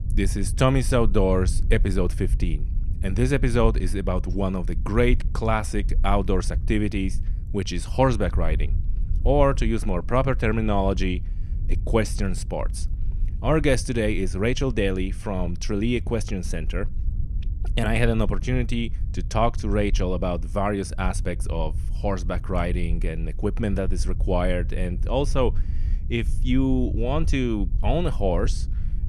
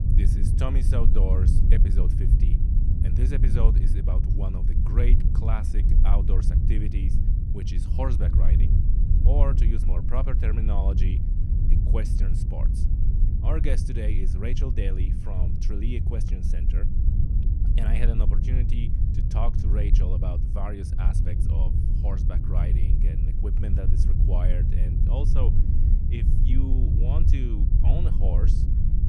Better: first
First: low rumble; faint; throughout; 20 dB below the speech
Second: low rumble; loud; throughout; 2 dB below the speech

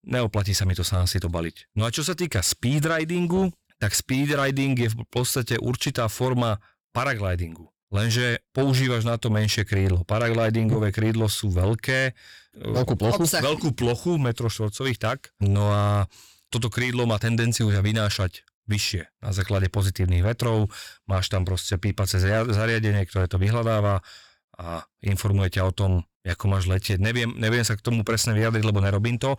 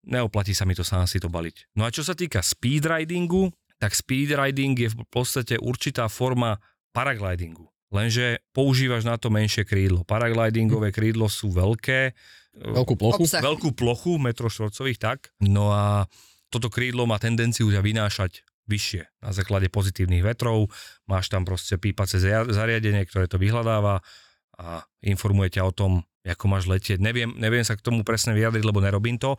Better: second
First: distortion; slight; 10 dB below the speech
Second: none

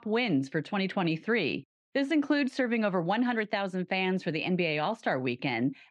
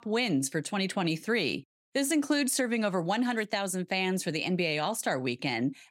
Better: second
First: muffled; slightly; fading above 3.5 kHz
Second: none

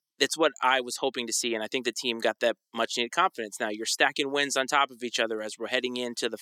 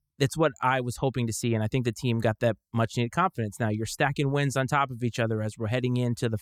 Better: second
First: thin; somewhat; fading below 300 Hz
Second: none

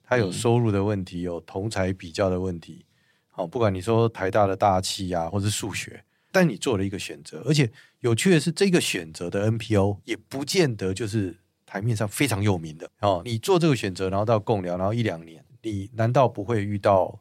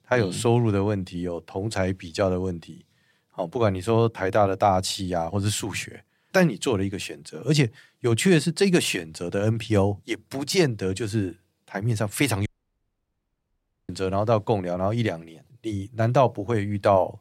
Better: first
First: none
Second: audio cutting out; at 12 s for 1.5 s

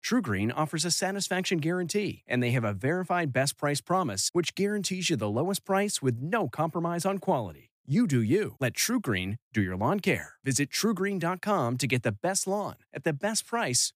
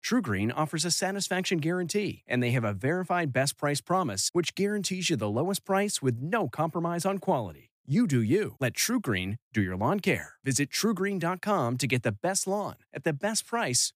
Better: neither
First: none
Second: none

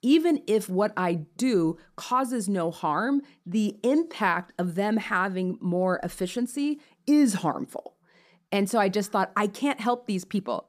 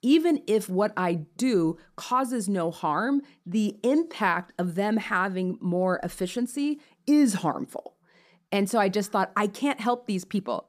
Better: neither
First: none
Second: none

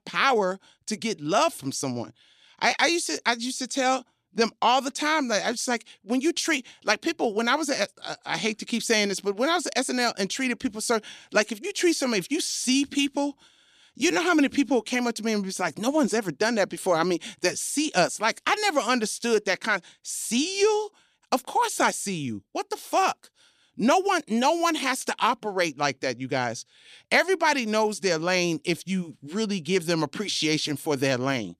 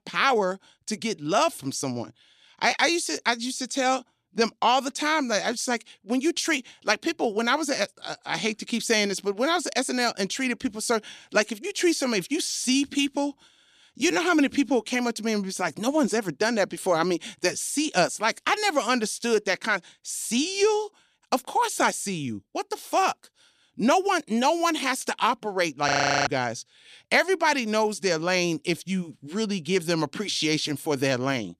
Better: first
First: none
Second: audio freezing; at 26 s

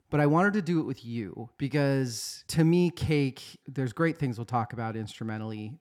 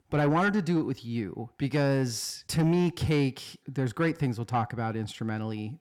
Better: first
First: none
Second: distortion; slight; 10 dB below the speech

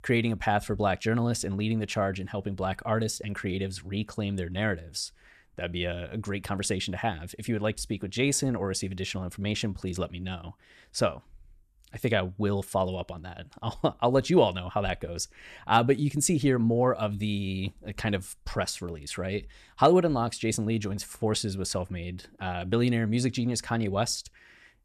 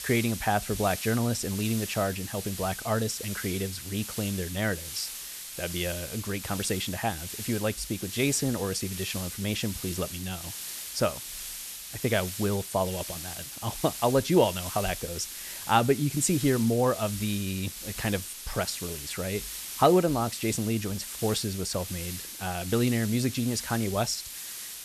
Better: first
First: none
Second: hiss; loud; throughout; 7 dB below the speech

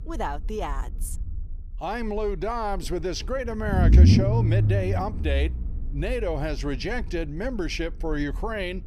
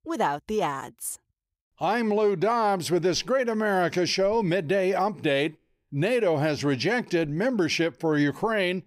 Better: second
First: low rumble; loud; throughout; 3 dB below the speech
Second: none

